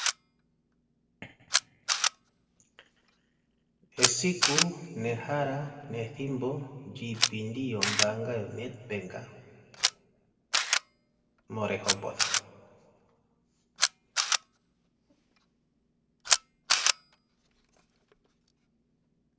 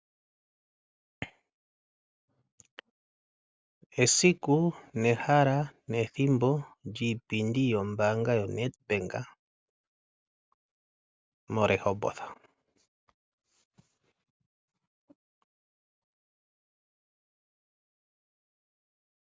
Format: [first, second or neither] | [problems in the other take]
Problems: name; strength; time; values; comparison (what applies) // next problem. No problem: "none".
second | background sound (Camera); 4 dB above the speech // room echo; dies away in 1.8 s